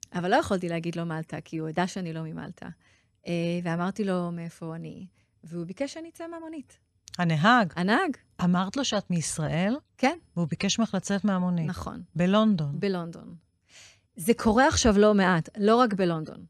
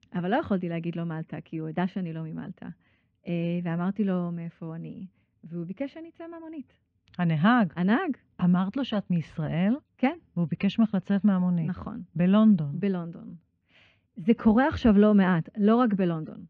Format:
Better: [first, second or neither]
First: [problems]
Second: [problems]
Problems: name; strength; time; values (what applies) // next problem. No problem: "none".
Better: first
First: none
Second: muffled; very; fading above 3 kHz